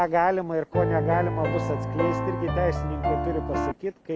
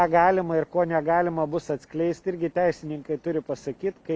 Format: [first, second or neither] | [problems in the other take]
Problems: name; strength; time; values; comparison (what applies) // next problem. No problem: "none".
second | background sound (Piano); 1 dB above the speech